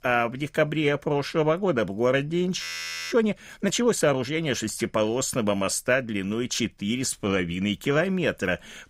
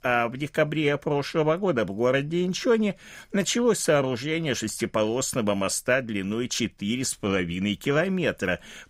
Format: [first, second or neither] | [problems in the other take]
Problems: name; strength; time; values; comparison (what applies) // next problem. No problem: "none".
second | audio freezing; at 2.5 s